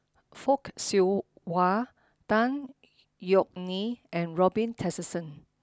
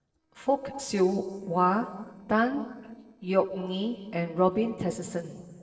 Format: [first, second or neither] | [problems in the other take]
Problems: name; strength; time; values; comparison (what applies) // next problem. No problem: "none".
first | noise reduction (neural separator model SepFormer DNS4)